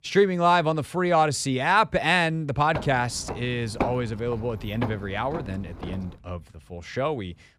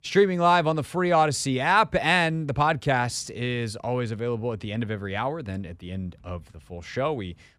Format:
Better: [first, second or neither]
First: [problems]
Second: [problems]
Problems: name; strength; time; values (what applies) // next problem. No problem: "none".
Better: second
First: footsteps; noticeable; from 3 to 6 s; peak 5 dB below the speech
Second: none